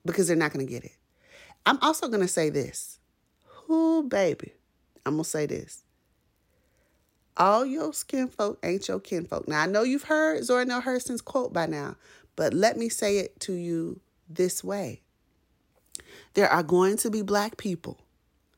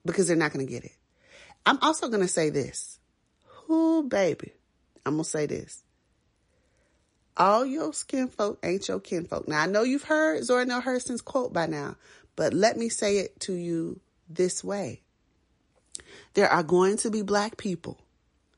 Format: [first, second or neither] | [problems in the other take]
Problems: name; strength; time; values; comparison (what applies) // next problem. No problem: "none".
first | garbled, watery; slightly; nothing above 10.5 kHz